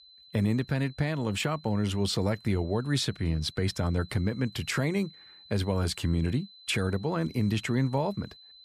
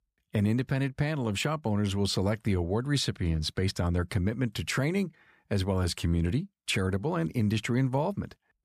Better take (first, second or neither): second